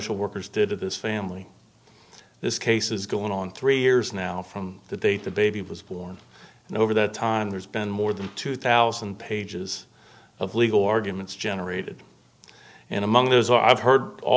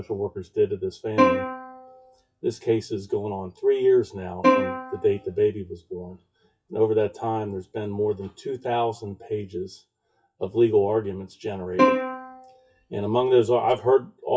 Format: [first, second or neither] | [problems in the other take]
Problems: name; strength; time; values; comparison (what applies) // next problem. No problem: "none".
first | noise reduction (classical method WPE with log-MMSE)